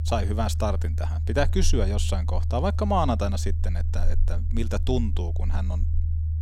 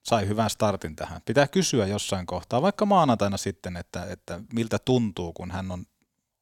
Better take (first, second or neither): second